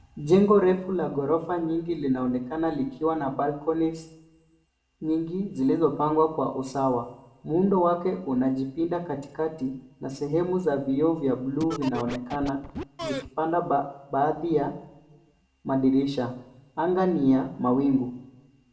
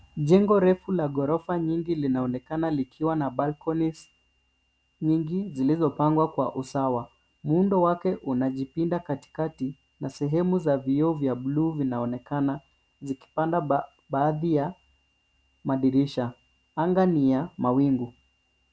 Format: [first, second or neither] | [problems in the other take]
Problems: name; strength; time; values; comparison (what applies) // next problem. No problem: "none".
second | background sound (Scratching (performance technique)); 10 dB below the speech // room echo; dies away in 0.5 s